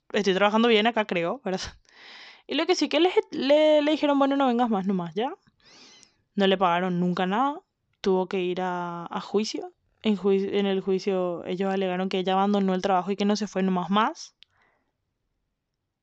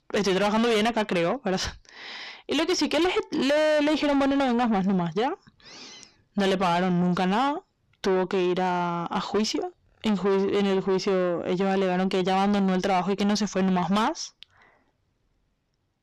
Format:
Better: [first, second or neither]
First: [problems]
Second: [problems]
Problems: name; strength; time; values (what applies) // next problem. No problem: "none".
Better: first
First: none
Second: distortion; heavy; 7 dB below the speech